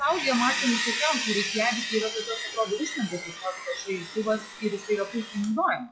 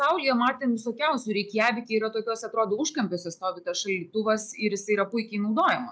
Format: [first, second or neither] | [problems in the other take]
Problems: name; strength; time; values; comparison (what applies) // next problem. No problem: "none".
second | noise reduction (classical method log-MMSE)